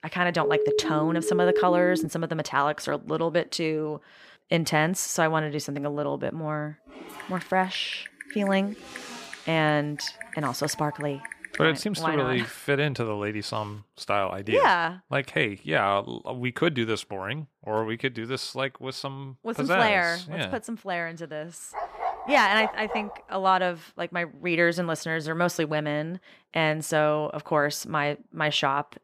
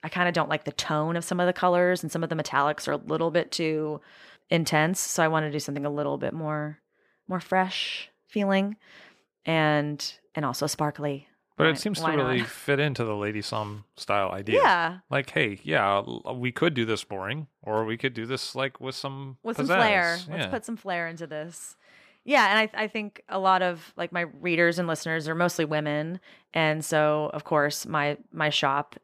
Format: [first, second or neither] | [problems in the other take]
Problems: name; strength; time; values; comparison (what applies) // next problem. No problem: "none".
second | siren; loud; until 2 s; peak 2 dB above the speech // keyboard typing; faint; from 7 to 12 s; peak 10 dB below the speech // dog barking; noticeable; from 22 to 23 s; peak 5 dB below the speech